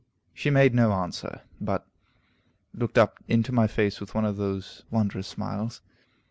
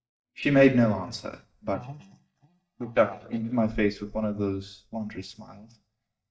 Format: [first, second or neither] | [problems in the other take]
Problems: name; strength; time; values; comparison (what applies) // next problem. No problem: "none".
first | noise reduction (neural mask model DeepFilterNet 3)